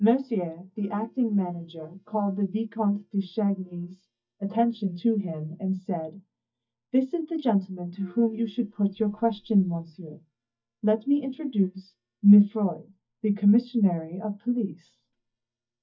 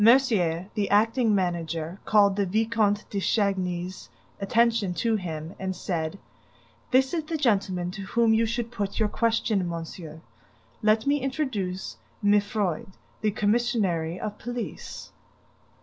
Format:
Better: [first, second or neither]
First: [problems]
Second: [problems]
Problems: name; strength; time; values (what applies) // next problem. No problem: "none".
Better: second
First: noise reduction (neural mask model DeepFilterNet 3)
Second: none